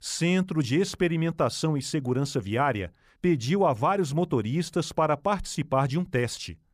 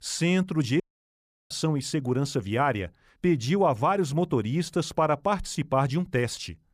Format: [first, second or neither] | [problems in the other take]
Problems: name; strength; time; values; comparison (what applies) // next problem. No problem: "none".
first | audio cutting out; at 1 s for 0.5 s